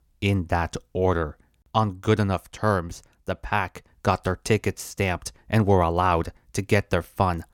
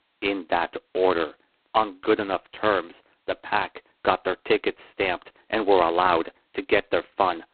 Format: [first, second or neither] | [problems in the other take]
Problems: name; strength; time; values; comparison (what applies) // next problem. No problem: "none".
first | phone-call audio; poor line; nothing above 4 kHz